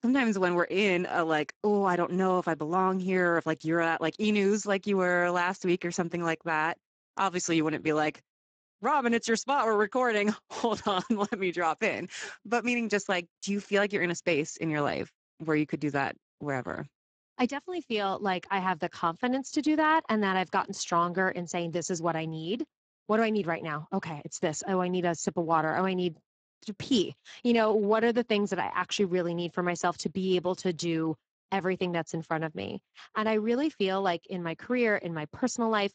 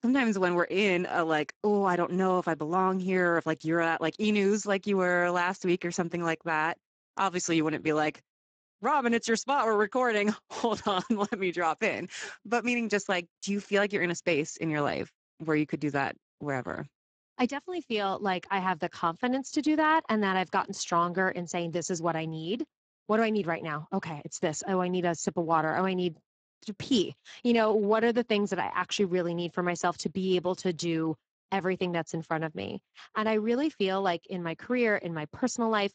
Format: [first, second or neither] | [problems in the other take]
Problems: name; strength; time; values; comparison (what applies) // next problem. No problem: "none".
neither | garbled, watery; badly; nothing above 7.5 kHz; the same in both